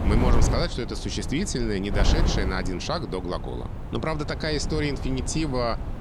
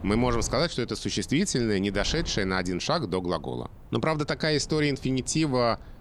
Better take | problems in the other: second | wind noise on the microphone; heavy; 8 dB below the speech; occasional gusts in the second

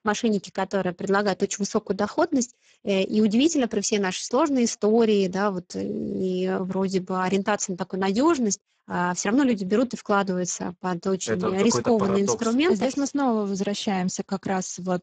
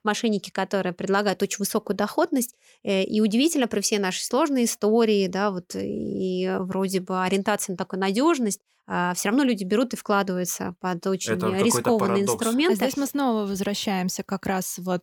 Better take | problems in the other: second | garbled, watery; badly; nothing above 7.5 kHz

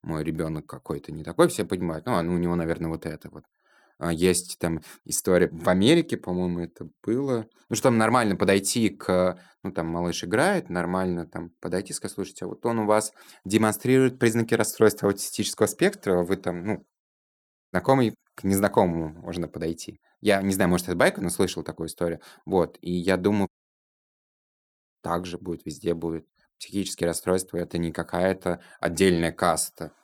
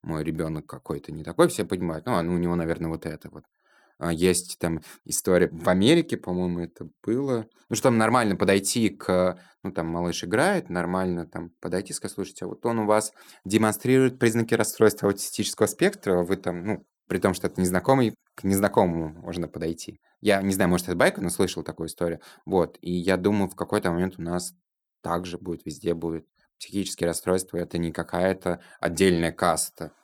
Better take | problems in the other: second | audio cutting out; at 17 s for 0.5 s and at 23 s for 1.5 s

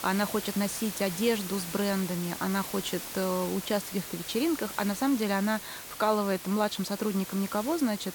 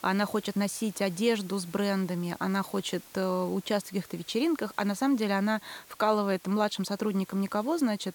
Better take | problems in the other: second | hiss; loud; throughout; 8 dB below the speech; faint in the second

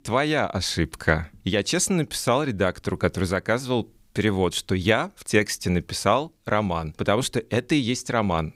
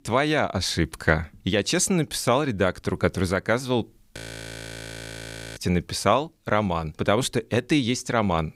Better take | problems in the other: first | audio freezing; at 4 s for 1.5 s

